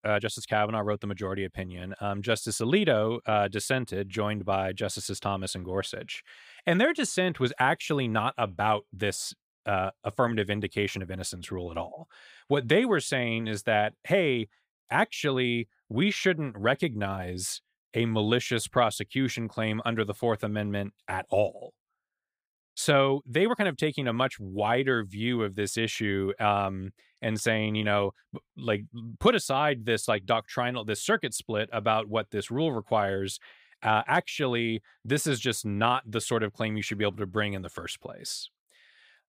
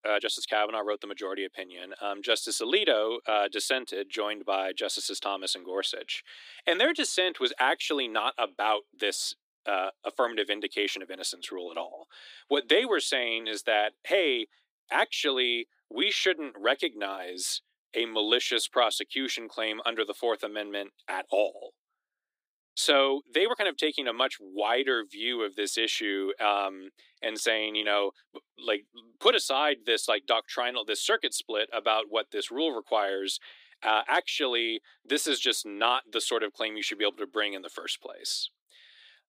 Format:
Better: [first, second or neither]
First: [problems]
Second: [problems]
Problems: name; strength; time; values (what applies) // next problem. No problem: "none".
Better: first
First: none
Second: thin; somewhat; fading below 300 Hz